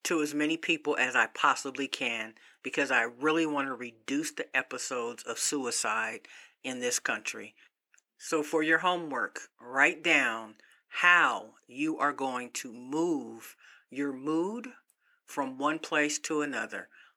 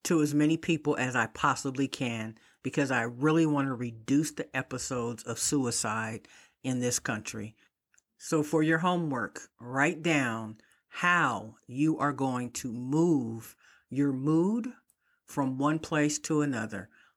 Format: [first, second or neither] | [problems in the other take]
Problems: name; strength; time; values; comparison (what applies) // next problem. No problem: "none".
second | thin; somewhat; fading below 400 Hz